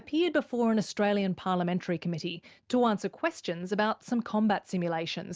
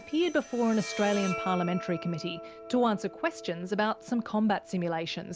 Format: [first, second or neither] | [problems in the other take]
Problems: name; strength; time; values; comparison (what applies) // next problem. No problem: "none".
first | background sound (Bowed string instrument); 13 dB below the speech